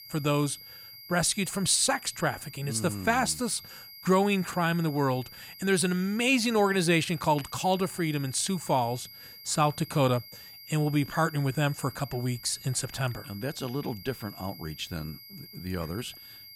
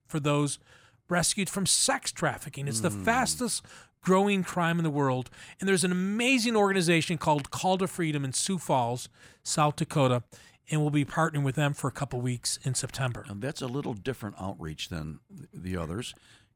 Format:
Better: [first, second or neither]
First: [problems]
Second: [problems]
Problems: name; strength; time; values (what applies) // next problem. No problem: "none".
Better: second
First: high-pitched whine; noticeable; throughout; 5 kHz, 15 dB below the speech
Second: none